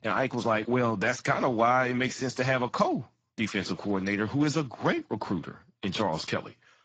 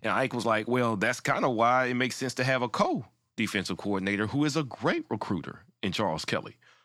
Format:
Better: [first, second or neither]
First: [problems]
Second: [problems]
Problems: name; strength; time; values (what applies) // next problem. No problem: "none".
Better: second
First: garbled, watery; badly; nothing above 7.5 kHz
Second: none